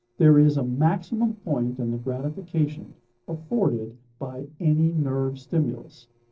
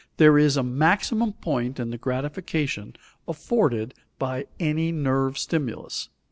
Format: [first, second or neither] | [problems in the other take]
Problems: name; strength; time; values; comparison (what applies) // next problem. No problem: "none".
second | noise reduction (neural separator model SepFormer DNS4)